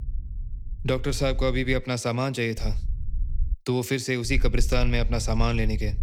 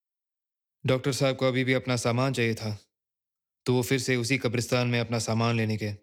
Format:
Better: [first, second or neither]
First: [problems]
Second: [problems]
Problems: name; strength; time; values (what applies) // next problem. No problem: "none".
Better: second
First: low rumble; faint; until 2 s, at 2.5 s and from 4.5 s on; 25 dB below the speech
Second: none